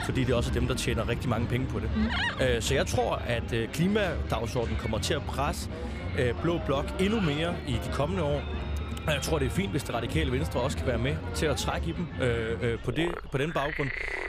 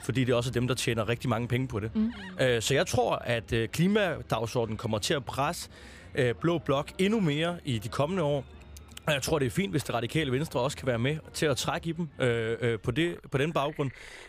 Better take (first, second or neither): second